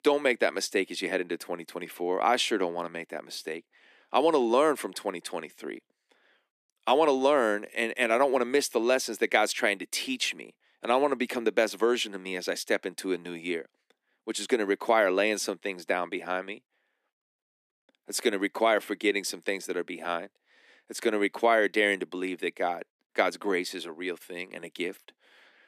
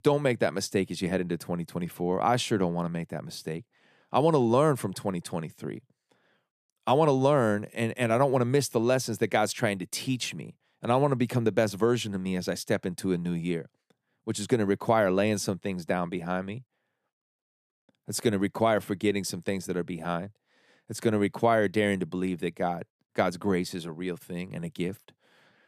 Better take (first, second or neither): second